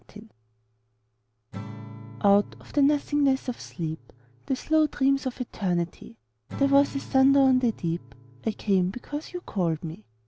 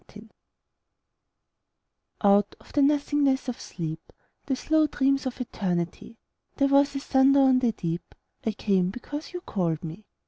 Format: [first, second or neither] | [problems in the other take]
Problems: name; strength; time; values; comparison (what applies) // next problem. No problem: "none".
second | background sound (Acoustic guitar / Strum); 18 dB below the speech